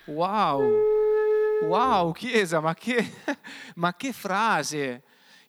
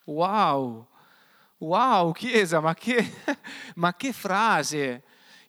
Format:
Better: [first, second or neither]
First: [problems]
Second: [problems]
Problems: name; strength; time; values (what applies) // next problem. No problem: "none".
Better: second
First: background music; very loud; until 1.5 s; 2 dB above the speech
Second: none